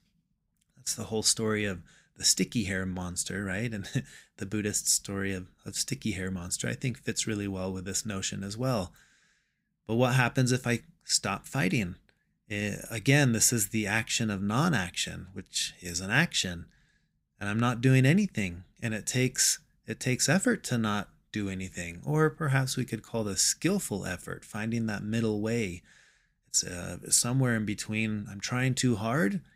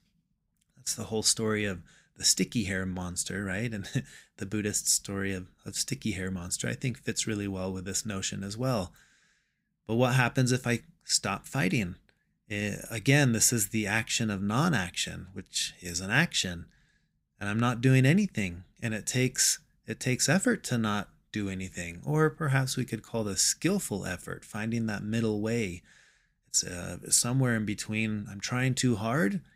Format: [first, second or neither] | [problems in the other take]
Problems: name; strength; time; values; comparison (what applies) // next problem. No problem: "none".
neither | none